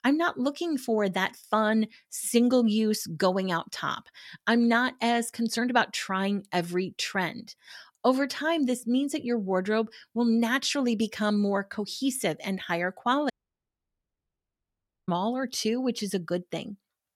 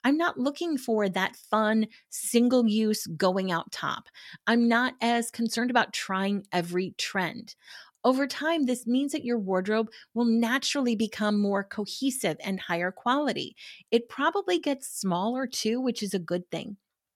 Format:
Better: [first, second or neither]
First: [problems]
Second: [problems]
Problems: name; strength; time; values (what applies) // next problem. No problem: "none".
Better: second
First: audio cutting out; at 13 s for 2 s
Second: none